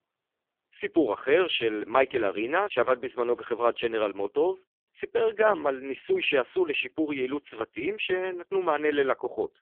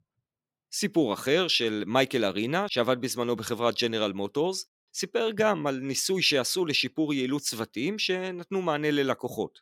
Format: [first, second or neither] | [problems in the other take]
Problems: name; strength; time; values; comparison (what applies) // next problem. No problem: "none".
second | phone-call audio; poor line; nothing above 3.5 kHz